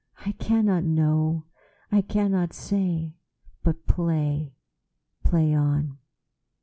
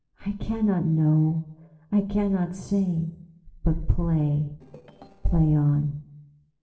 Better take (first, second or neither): first